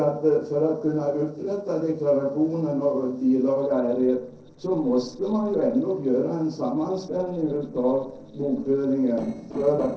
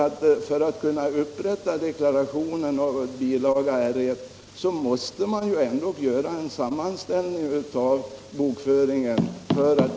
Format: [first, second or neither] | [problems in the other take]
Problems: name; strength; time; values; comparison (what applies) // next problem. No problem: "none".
second | noise reduction (neural separator model SepFormer DNS4)